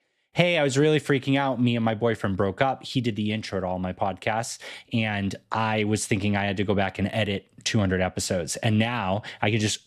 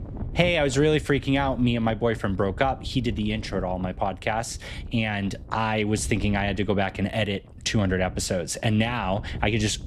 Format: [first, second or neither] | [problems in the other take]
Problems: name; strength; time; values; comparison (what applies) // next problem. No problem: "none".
first | wind noise on the microphone; occasional gusts; 20 dB below the speech